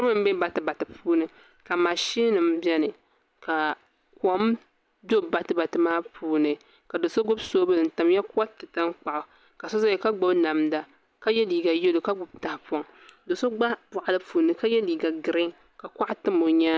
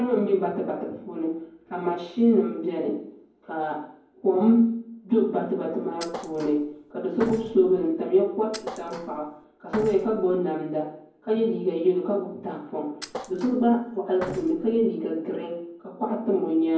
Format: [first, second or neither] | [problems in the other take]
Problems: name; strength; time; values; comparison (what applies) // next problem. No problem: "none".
first | background sound (Thump, thud); 14 dB below the speech // room echo; dies away in 0.9 s